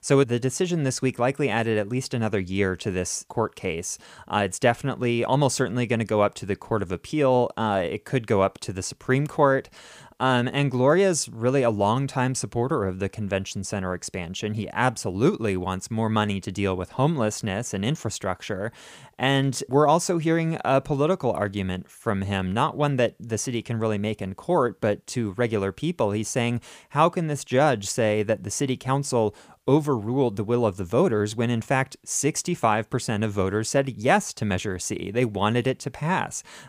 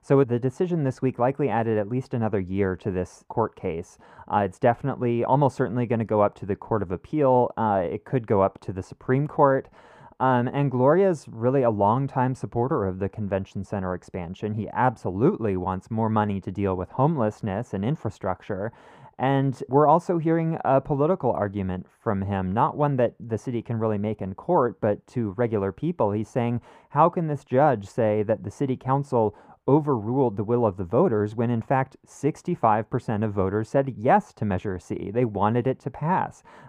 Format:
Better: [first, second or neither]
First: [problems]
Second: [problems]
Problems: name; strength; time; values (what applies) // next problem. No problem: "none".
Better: first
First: none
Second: muffled; very; fading above 2.5 kHz